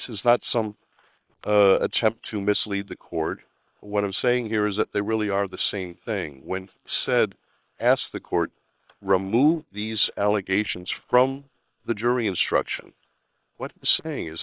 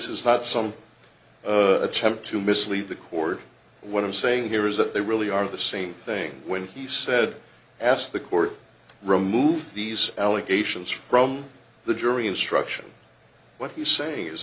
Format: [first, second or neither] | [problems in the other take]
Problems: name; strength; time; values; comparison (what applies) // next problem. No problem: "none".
second | noise reduction (neural separator model SepFormer WHAM!)